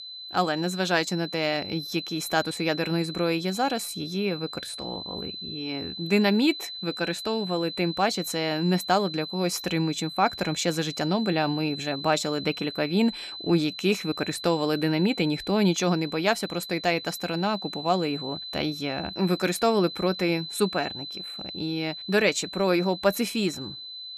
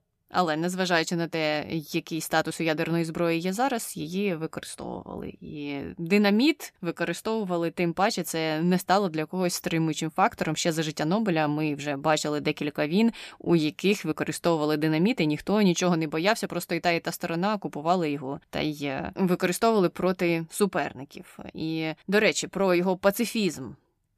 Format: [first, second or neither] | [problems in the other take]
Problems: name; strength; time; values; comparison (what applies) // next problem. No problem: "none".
second | high-pitched whine; loud; throughout; 4 kHz, 9 dB below the speech